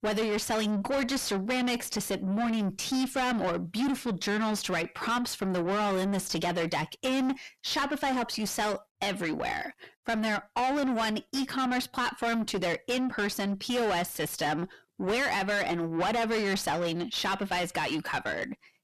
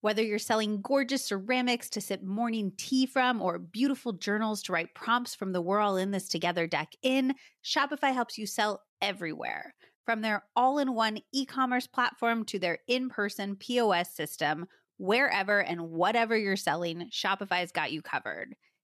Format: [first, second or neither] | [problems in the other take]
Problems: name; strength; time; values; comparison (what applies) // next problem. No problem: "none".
second | distortion; heavy; 5 dB below the speech